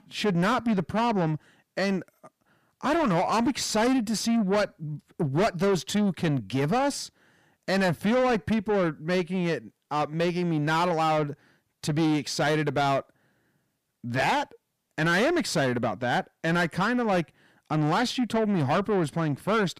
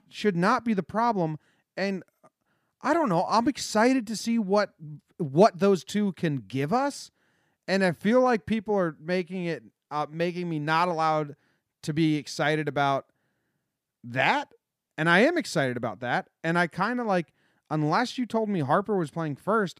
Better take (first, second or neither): second